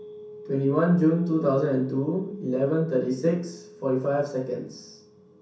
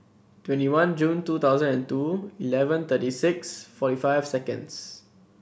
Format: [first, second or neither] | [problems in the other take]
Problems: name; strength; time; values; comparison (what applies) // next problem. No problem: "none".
second | background sound (Telephone); 18 dB below the speech // room echo; dies away in 0.6 s